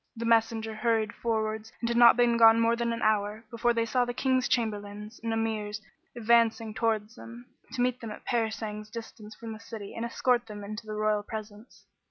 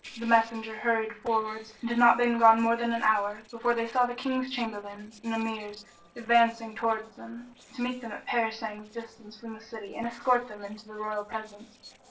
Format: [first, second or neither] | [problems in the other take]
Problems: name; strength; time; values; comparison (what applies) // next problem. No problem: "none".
first | noise reduction (neural separator model SepFormer DNS4)